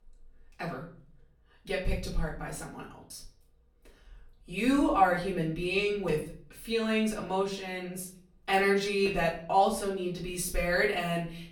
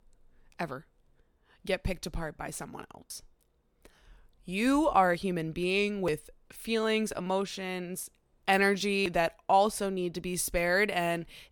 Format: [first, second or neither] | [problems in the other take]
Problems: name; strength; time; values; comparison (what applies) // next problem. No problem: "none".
second | off-mic speech; far // room echo; slight; dies away in 0.5 s